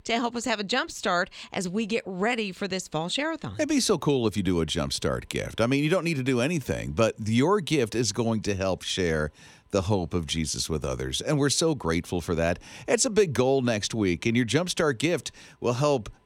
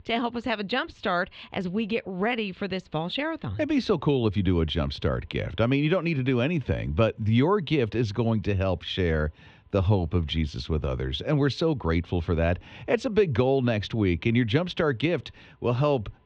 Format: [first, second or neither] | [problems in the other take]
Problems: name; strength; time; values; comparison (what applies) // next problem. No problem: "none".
first | muffled; slightly; fading above 3.5 kHz